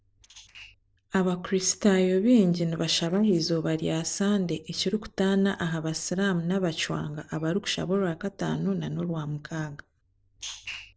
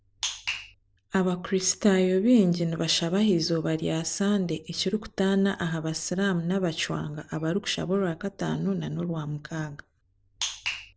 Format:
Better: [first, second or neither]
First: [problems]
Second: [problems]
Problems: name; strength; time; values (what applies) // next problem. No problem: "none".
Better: second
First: noise reduction (neural separator model SepFormer DNS4)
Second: none